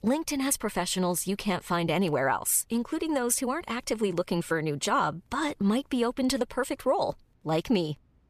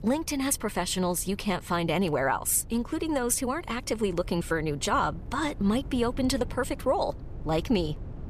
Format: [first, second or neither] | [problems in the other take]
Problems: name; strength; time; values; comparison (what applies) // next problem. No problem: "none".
first | wind noise on the microphone; occasional gusts; 25 dB below the speech